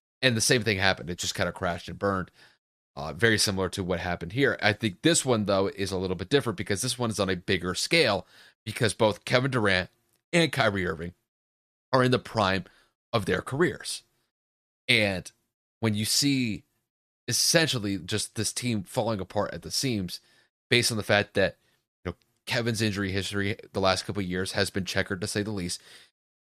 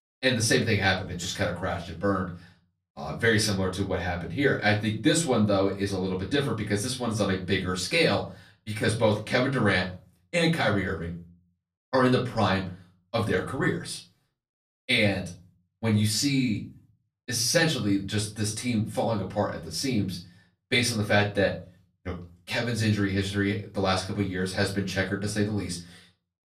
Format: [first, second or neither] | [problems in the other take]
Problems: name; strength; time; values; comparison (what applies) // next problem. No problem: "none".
first | off-mic speech; far // room echo; very slight; dies away in 0.4 s